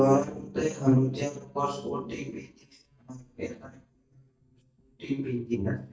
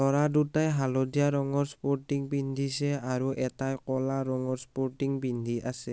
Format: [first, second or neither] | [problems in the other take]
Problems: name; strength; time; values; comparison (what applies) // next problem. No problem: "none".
second | noise reduction (neural mask model DeepFilterNet 3)